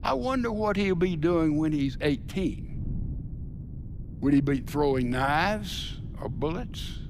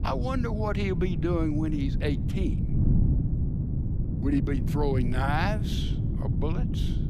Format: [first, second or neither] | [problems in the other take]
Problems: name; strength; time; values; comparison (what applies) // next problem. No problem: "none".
first | wind noise on the microphone; heavy; 7 dB below the speech; occasional gusts in the first